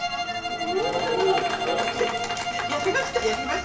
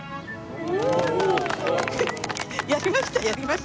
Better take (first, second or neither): second